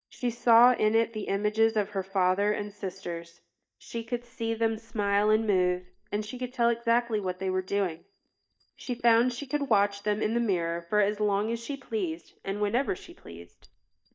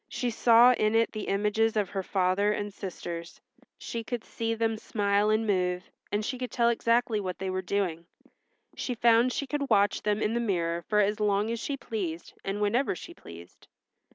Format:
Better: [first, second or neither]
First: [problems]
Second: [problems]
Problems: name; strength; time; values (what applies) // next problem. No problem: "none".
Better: second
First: noise reduction (neural mask model DeepFilterNet 3)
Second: none